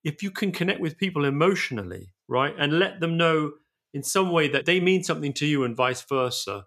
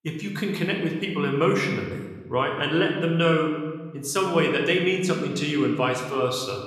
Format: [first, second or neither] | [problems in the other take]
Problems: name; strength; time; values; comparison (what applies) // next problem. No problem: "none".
first | room echo; slight; dies away in 1.1 s